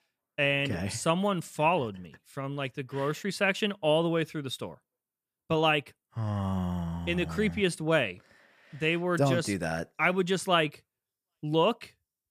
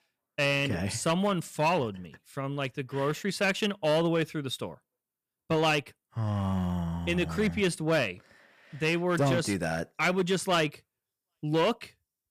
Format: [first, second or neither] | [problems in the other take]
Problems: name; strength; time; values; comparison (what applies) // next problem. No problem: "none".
first | distortion; slight; 4% of the sound clipped